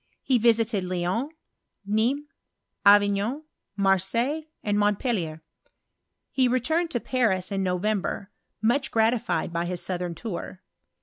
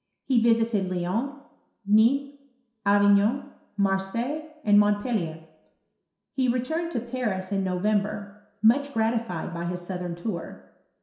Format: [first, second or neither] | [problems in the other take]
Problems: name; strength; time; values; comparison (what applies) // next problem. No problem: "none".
first | room echo; dies away in 0.7 s